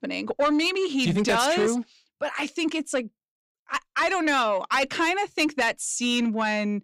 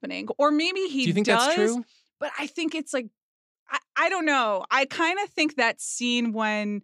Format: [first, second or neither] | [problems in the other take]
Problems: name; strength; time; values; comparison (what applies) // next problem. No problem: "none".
second | distortion; slight; 10 dB below the speech